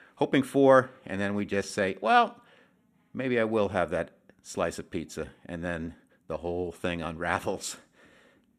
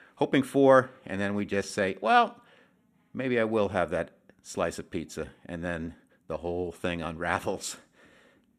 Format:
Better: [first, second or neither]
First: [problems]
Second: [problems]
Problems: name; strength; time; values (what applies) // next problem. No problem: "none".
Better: neither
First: none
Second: none